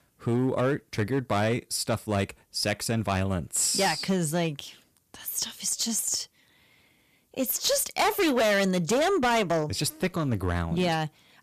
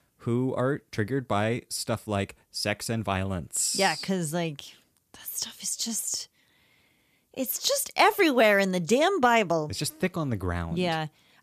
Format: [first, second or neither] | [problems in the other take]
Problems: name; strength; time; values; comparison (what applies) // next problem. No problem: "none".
second | distortion; heavy; 8% of the sound clipped